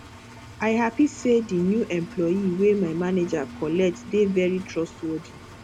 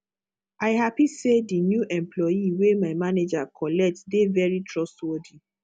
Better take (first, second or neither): second